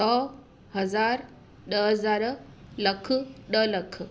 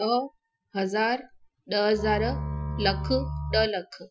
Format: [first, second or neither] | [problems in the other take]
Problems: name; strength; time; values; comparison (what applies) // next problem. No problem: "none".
first | noise reduction (classical method Wiener filter)